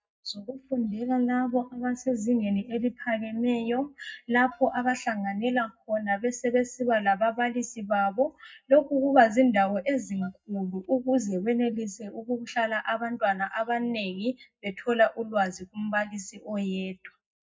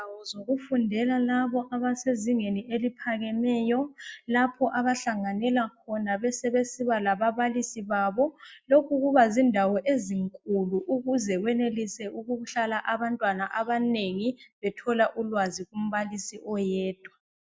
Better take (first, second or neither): second